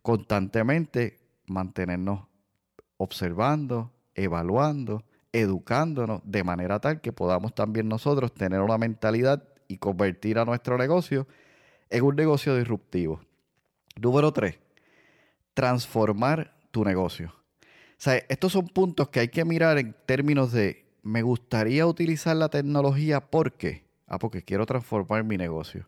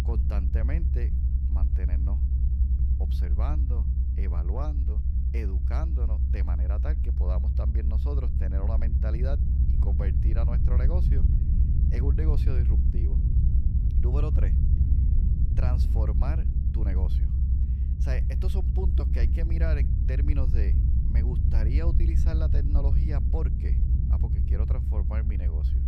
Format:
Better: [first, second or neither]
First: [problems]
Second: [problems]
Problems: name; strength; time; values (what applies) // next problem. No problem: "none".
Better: first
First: none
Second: low rumble; loud; throughout; 1 dB below the speech